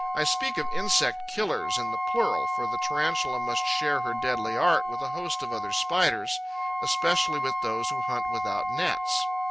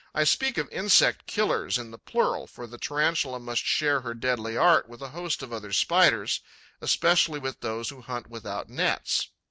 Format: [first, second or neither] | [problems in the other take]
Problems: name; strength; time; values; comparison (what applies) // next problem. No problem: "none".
second | background sound (Organ + Wind instrument, woodwind instrument); as loud as the speech